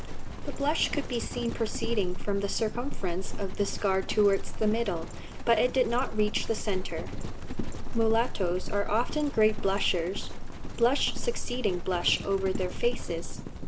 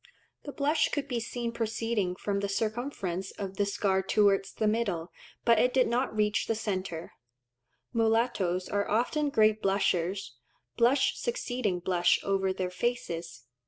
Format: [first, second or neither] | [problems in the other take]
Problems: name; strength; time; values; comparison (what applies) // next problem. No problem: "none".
second | background sound (Livestock, farm animals, working animals); 1 dB below the speech